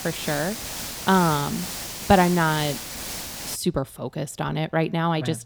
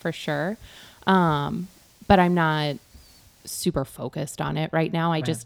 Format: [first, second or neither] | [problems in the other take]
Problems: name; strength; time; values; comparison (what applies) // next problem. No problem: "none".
second | hiss; loud; until 3.5 s; 7 dB below the speech; faint in the second